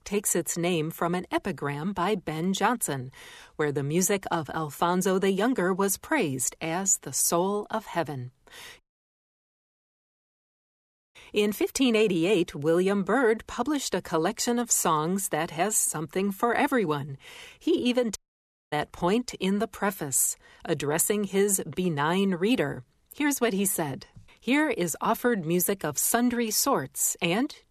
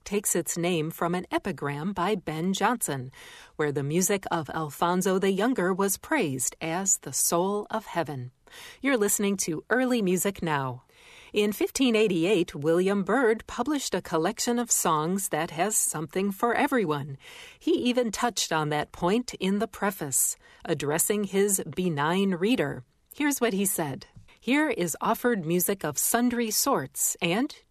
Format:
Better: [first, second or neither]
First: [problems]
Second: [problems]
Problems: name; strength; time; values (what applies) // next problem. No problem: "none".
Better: second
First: audio cutting out; at 9 s for 2.5 s and at 18 s for 0.5 s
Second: none